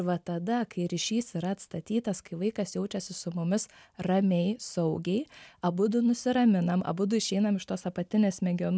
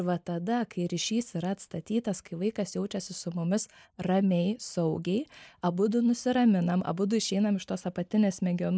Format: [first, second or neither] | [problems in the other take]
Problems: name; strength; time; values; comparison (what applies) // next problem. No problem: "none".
first | noise reduction (neural mask model Resemble Enhance denoiser)